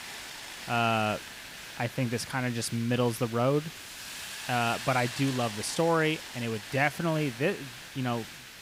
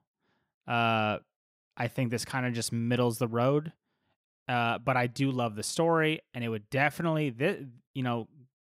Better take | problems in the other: second | hiss; noticeable; throughout; 10 dB below the speech

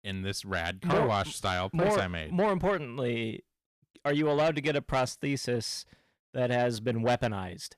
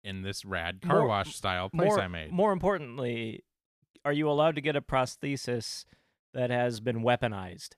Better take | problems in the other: second | distortion; slight; 10 dB below the speech

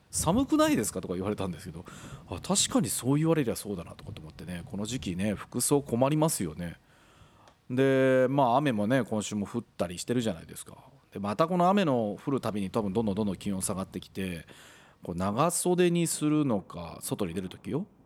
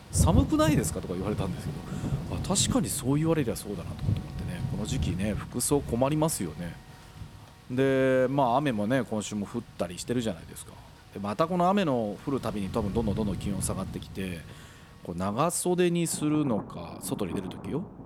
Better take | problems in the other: first | rain or running water; loud; throughout; 7 dB below the speech; faint in the first

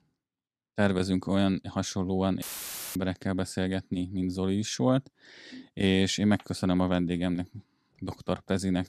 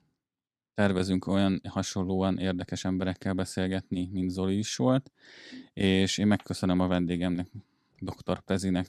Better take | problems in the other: second | audio cutting out; filled with static; at 2.5 s for 0.5 s

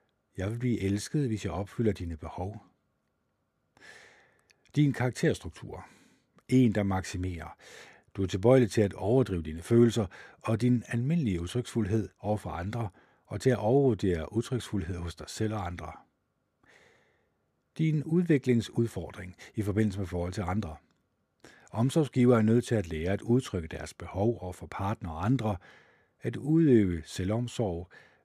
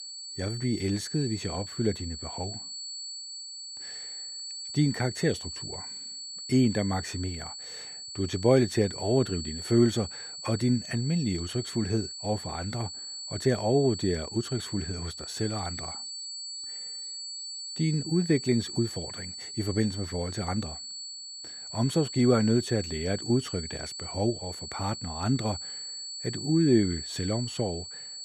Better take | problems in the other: first | high-pitched whine; loud; throughout; 4.5 kHz, 8 dB below the speech

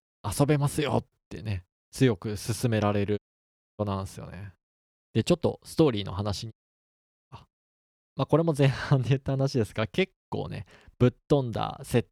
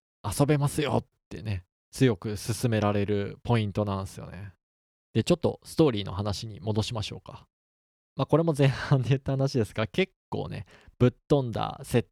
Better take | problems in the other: second | audio cutting out; at 3 s for 0.5 s and at 6.5 s for 1 s

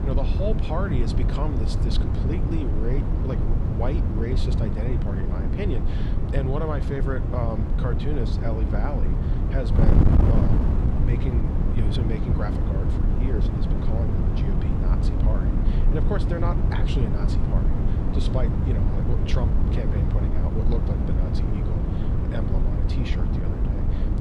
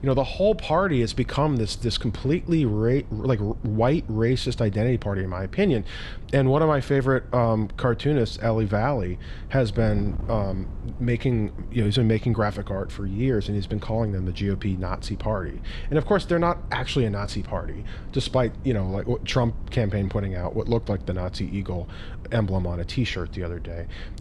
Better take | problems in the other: second | wind noise on the microphone; heavy; as loud as the speech; occasional gusts in the second

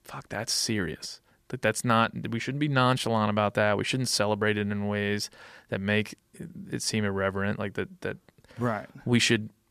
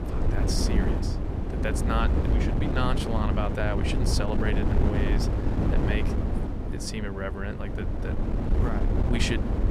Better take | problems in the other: first | wind noise on the microphone; heavy; 2 dB below the speech

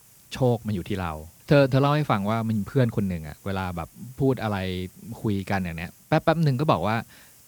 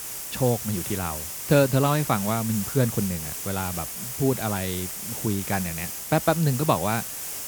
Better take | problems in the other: first | hiss; loud; throughout; 5 dB below the speech; faint in the first

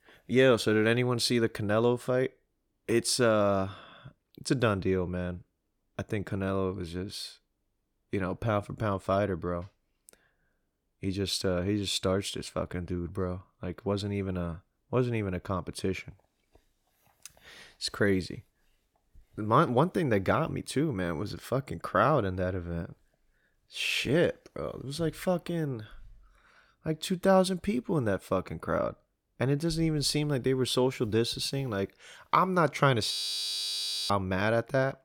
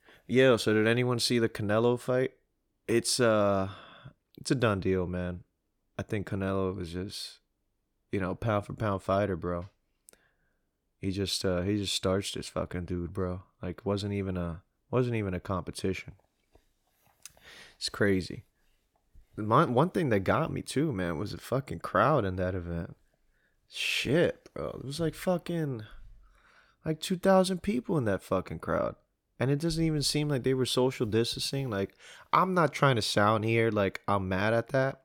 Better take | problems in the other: second | audio freezing; at 33 s for 1 s

